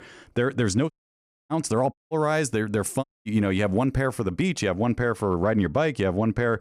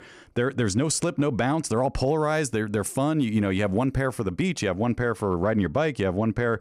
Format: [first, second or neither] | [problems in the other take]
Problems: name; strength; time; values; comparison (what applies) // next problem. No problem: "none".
second | audio cutting out; at 1 s for 0.5 s, at 2 s and at 3 s